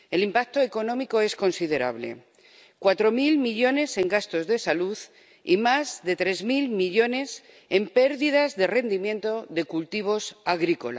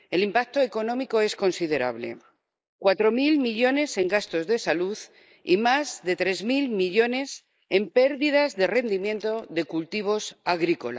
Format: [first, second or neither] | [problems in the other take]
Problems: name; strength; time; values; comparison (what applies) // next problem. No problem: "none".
first | noise reduction (neural mask model Resemble Enhance denoiser)